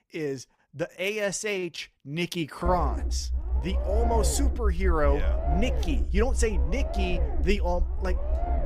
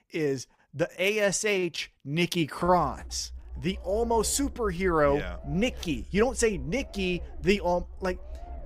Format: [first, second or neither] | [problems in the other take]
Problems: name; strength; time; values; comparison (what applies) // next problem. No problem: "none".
second | low rumble; loud; from 2.5 s on; 7 dB below the speech; faint in the second